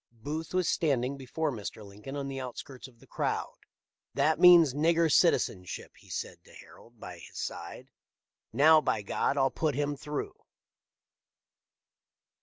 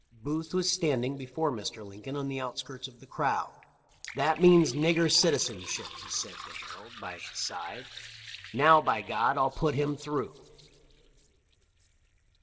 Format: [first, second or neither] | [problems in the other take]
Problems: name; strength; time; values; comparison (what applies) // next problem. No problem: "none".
first | noise reduction (neural separator model SepFormer DNS4)